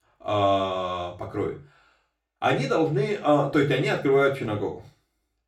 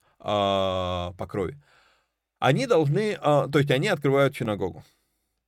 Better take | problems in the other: second | room echo; slight; dies away in 0.4 s // off-mic speech; far

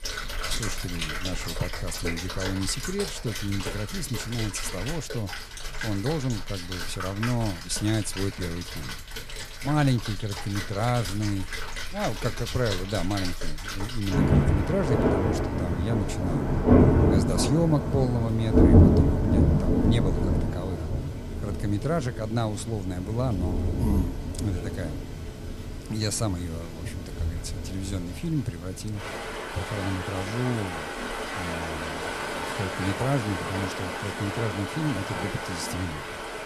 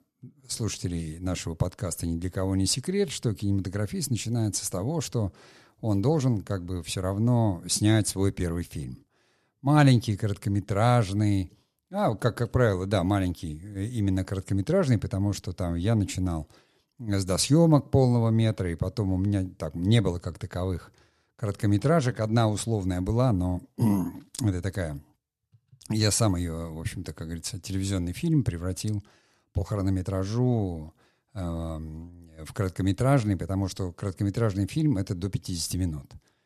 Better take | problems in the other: second | rain or running water; very loud; throughout; 2 dB above the speech

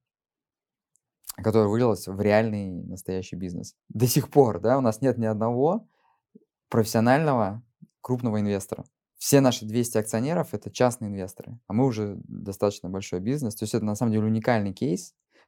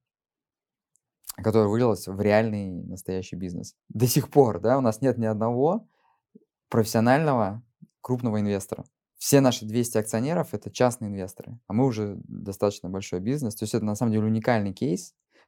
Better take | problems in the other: neither | none

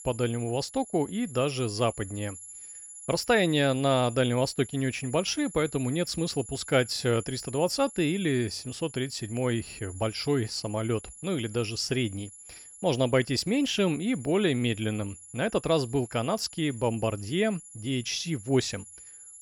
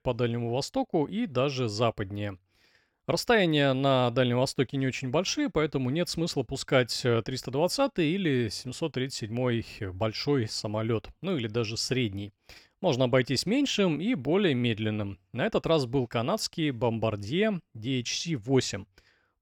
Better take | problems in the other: second | high-pitched whine; noticeable; throughout; 11 kHz, 15 dB below the speech

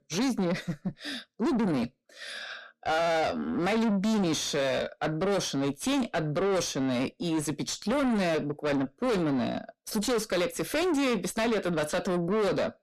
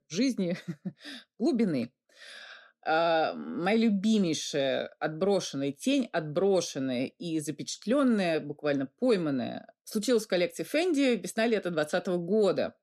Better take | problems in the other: second | distortion; heavy; 6 dB below the speech

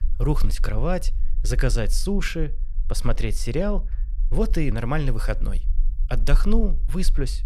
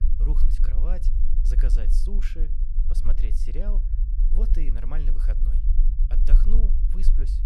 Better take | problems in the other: first | low rumble; loud; throughout; 4 dB below the speech; faint in the first

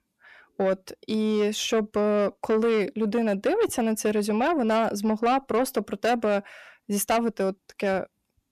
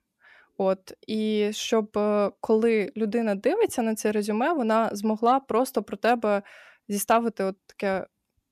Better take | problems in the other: second | distortion; slight; 10 dB below the speech

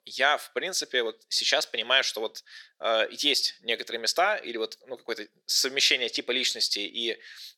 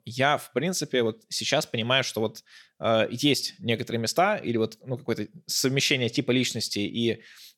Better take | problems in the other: second | thin; very; fading below 400 Hz

